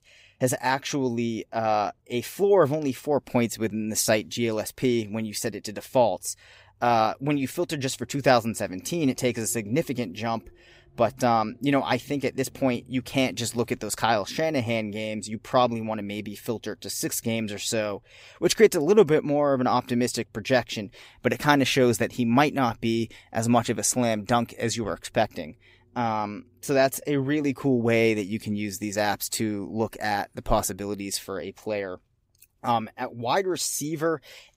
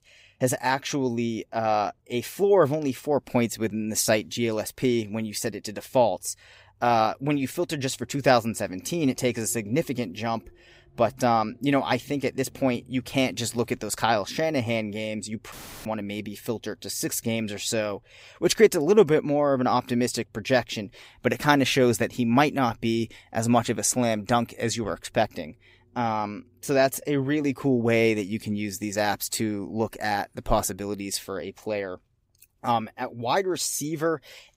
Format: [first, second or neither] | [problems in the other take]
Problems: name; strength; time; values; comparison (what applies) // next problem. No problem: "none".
first | audio cutting out; filled with static; at 16 s